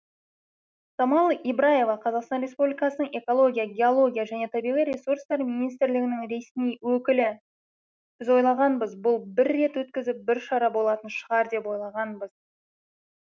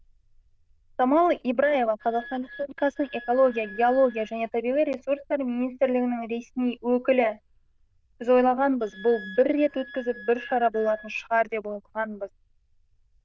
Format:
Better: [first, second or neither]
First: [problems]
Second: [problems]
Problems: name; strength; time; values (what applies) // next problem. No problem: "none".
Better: first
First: none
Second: noise reduction (neural diffusion model UNIVERSE++)